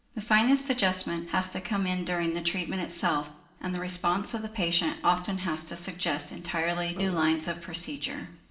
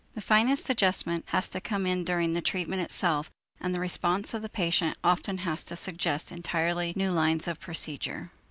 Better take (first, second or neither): second